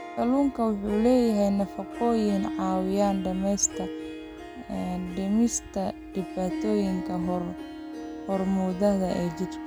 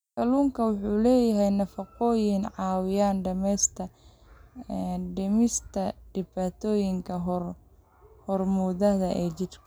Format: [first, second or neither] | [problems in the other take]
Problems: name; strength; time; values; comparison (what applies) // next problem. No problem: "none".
second | background sound (Harp); 10 dB below the speech